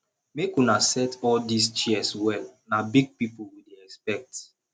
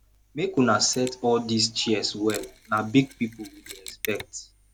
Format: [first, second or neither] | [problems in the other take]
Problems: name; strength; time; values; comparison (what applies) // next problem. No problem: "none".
first | background sound (Mechanisms); 19 dB below the speech